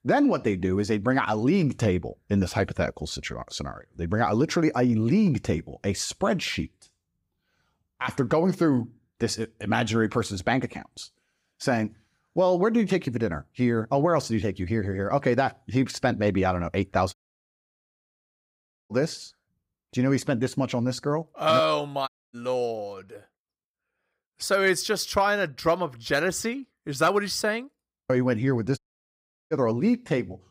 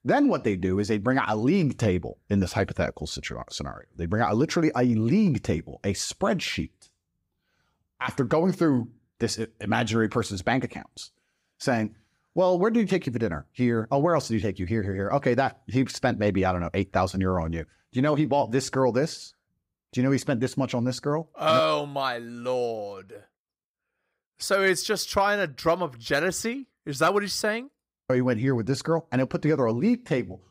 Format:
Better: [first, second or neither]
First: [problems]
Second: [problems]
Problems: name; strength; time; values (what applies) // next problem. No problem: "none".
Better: second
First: audio cutting out; at 17 s for 2 s, at 22 s and at 29 s for 0.5 s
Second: none